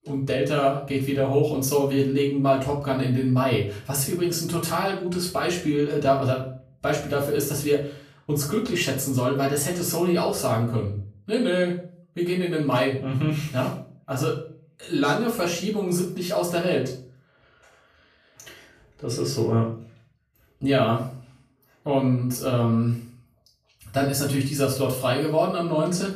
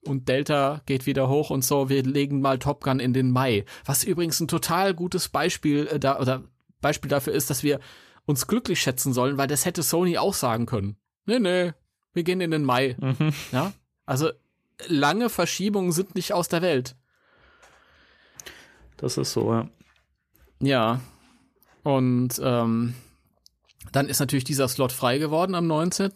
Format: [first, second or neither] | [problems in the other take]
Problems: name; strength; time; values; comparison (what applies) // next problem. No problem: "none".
second | off-mic speech; far // room echo; slight; dies away in 0.4 s